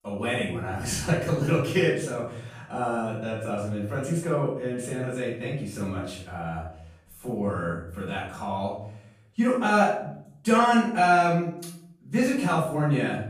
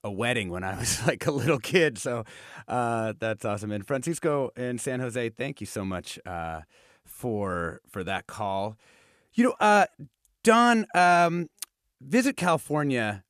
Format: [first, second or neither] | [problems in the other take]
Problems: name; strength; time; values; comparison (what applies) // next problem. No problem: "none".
second | room echo; noticeable; dies away in 0.7 s // off-mic speech; far